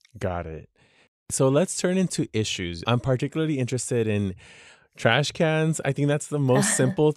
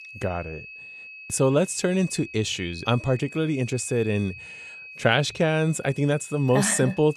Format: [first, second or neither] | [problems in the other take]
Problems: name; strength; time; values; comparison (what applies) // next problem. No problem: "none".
first | high-pitched whine; noticeable; throughout; 2.5 kHz, 15 dB below the speech